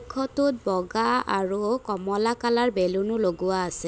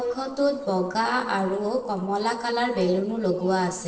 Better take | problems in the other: first | noise reduction (neural separator model SepFormer DNS4)

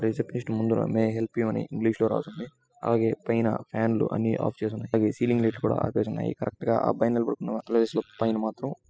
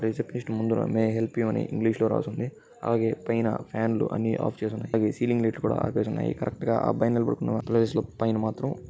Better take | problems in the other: second | noise reduction (classical method spectral subtraction)

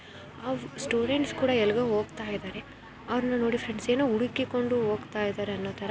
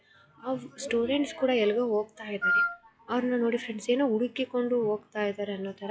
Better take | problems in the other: first | noise reduction (classical method log-MMSE)

